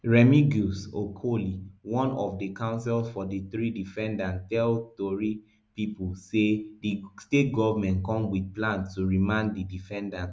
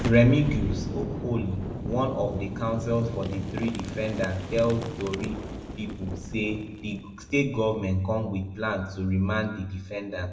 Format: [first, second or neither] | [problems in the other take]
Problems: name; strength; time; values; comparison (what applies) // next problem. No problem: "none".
first | background sound (Boom); 8 dB below the speech // room echo; dies away in 0.8 s